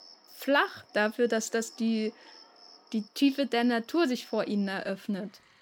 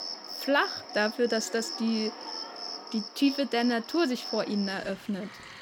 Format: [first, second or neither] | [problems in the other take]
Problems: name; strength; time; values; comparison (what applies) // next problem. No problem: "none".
first | animal sounds; loud; throughout; 8 dB below the speech; faint in the first